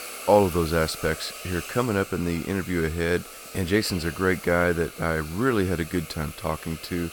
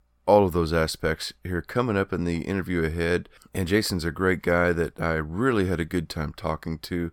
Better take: second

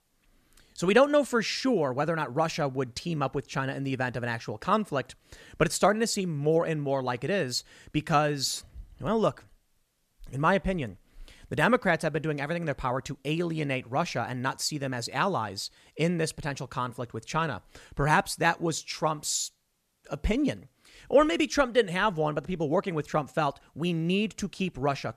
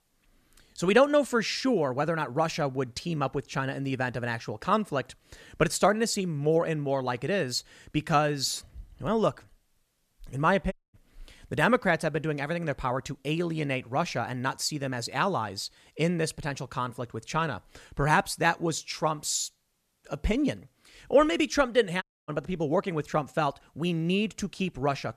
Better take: first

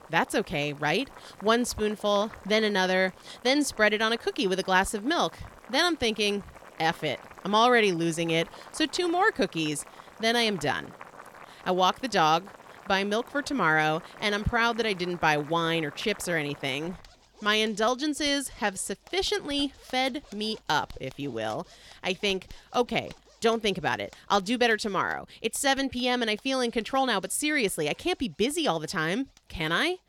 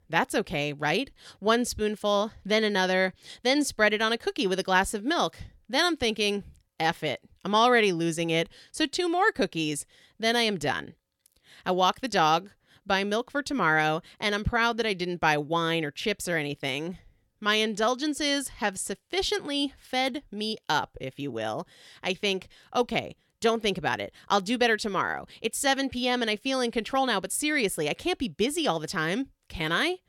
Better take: second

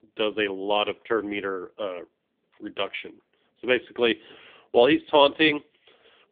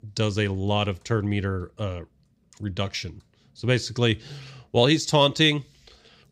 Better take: second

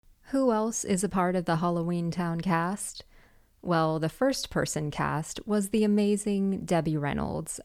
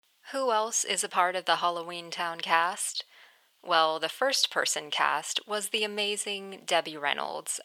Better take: first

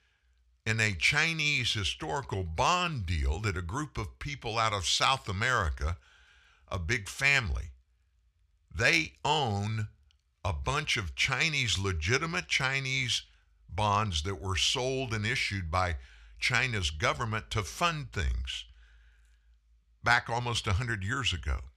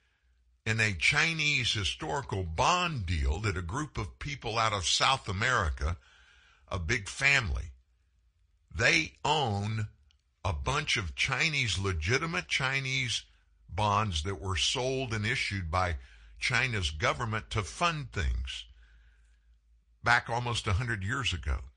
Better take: first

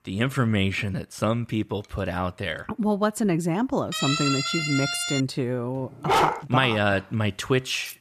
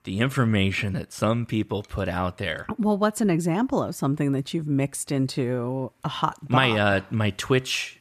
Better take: second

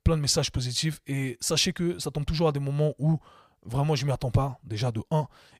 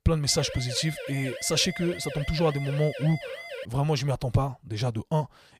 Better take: first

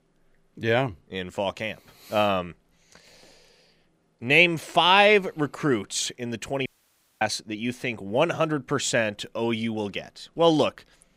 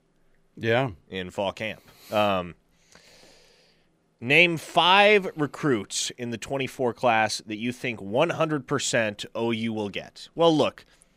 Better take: second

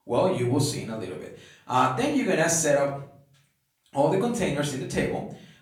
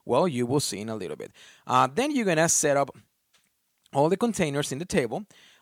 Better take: second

